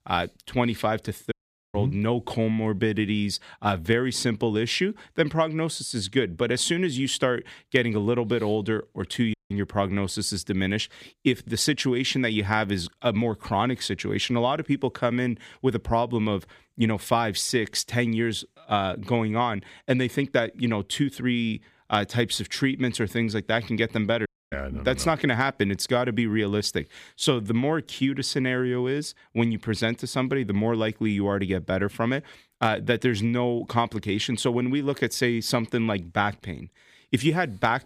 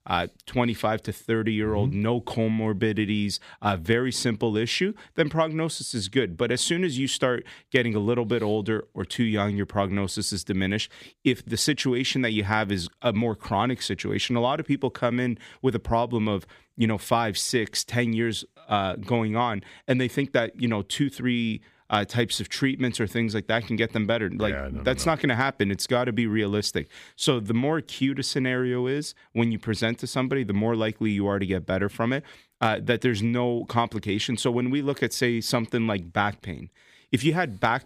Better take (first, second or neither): second